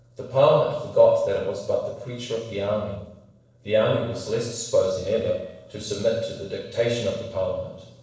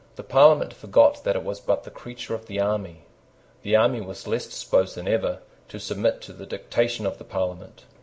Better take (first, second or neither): second